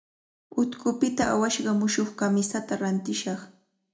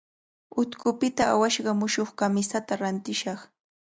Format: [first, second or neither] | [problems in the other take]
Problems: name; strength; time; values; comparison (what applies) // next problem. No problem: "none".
second | room echo; dies away in 0.4 s